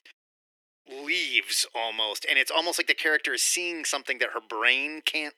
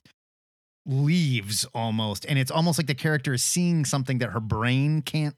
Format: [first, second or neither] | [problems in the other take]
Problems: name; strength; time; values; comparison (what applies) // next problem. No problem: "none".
second | thin; very; fading below 350 Hz